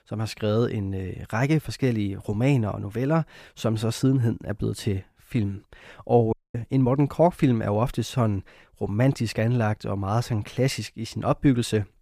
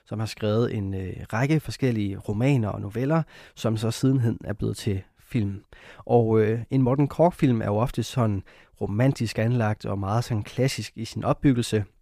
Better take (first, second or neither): second